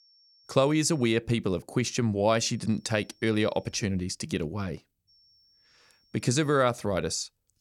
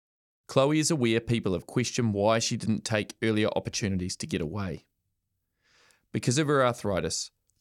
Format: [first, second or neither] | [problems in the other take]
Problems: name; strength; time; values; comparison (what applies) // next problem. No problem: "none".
second | high-pitched whine; faint; until 1 s, from 2.5 to 3.5 s and from 5 to 6.5 s; 5.5 kHz, 35 dB below the speech